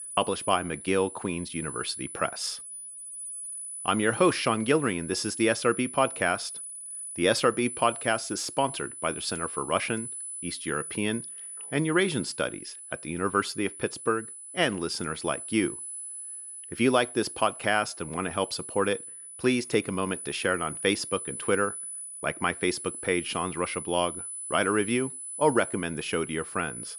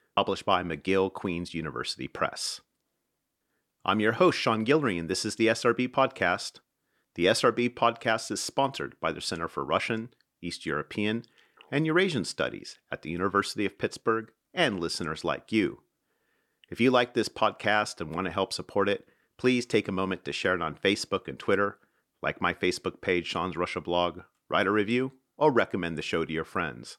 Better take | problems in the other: second | high-pitched whine; loud; throughout; 10 kHz, 9 dB below the speech

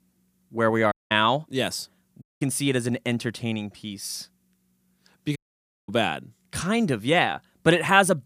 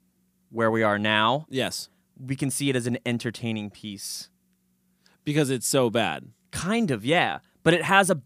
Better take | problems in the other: second | audio cutting out; at 1 s, at 2 s and at 5.5 s for 0.5 s

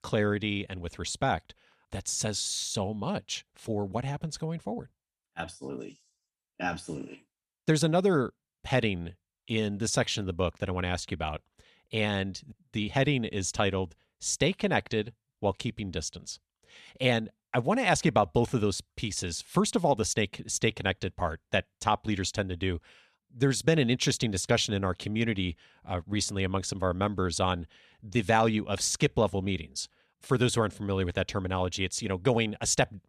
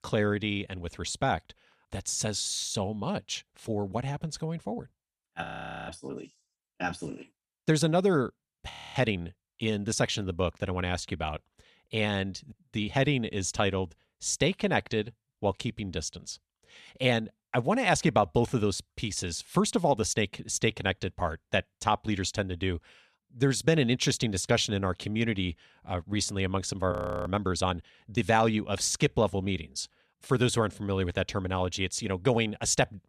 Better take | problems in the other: first | audio freezing; at 5.5 s, at 8.5 s and at 27 s

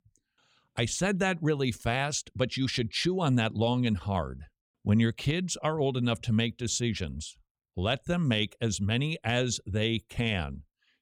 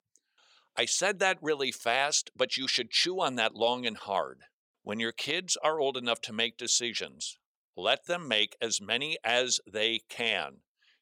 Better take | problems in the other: first | thin; very; fading below 550 Hz

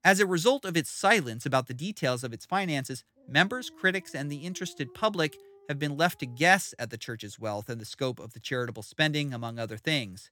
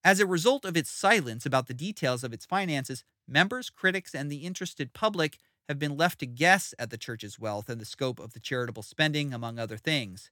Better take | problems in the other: second | animal sounds; faint; throughout; 25 dB below the speech

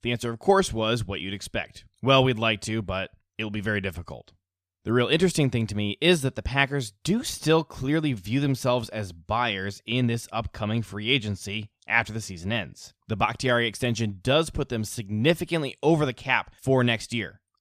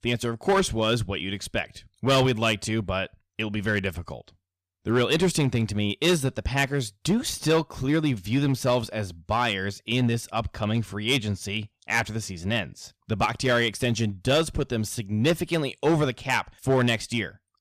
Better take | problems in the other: first | distortion; slight; 4% of the sound clipped

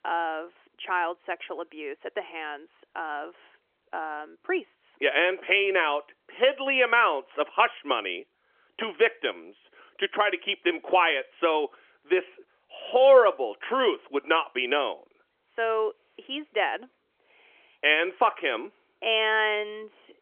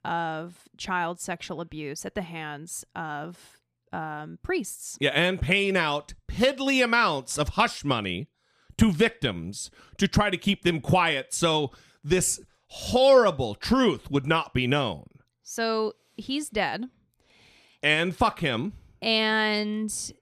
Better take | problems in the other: second | phone-call audio; nothing above 3.5 kHz

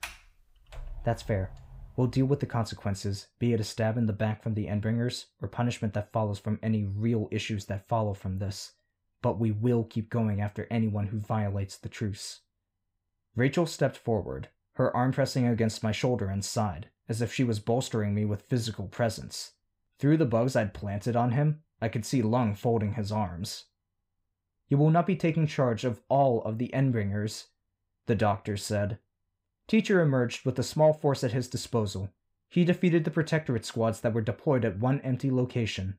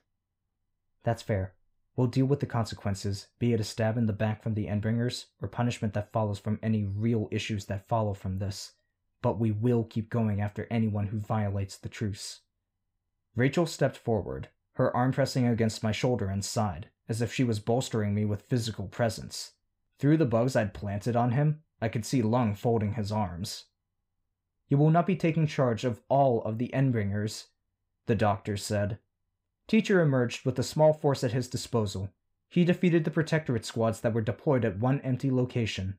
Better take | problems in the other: second | door banging; faint; until 2.5 s; peak 15 dB below the speech

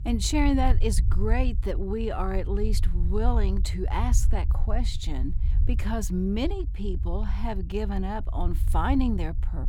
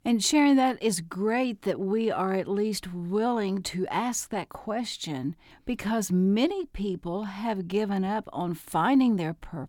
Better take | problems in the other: second | low rumble; noticeable; throughout; 15 dB below the speech

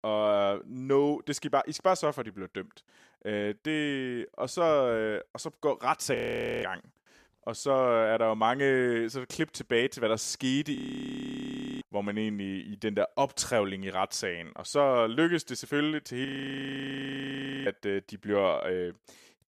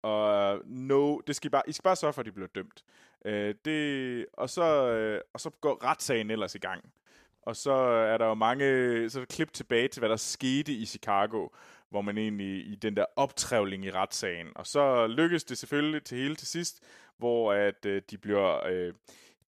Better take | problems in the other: second | audio freezing; at 6 s, at 11 s for 1 s and at 16 s for 1.5 s

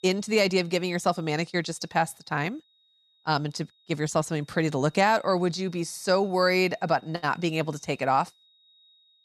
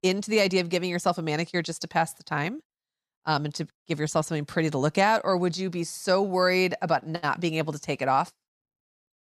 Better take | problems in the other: second | high-pitched whine; faint; throughout; 4 kHz, 30 dB below the speech

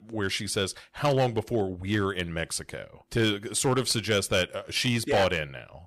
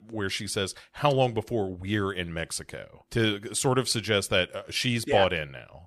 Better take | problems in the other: second | distortion; slight; 4% of the sound clipped

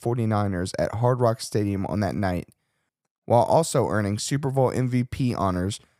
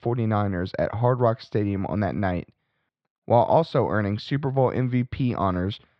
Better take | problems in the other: first | muffled; slightly; fading above 4 kHz

